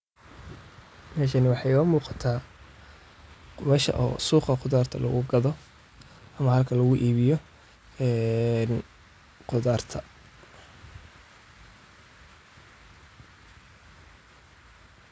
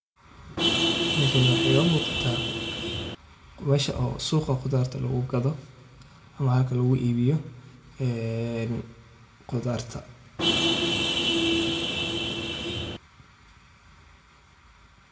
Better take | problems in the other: first | background sound (Vehicle horn, car horn, honking); 3 dB above the speech // room echo; dies away in 0.5 s

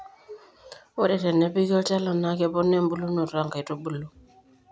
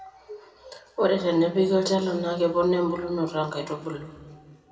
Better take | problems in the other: first | room echo; dies away in 1.5 s

